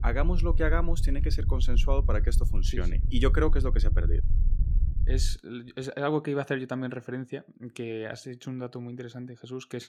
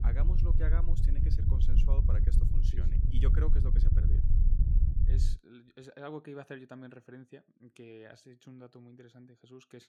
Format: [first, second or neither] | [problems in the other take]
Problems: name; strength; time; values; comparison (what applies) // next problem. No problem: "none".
first | wind noise on the microphone; heavy; until 5.5 s; as loud as the speech; occasional gusts in the first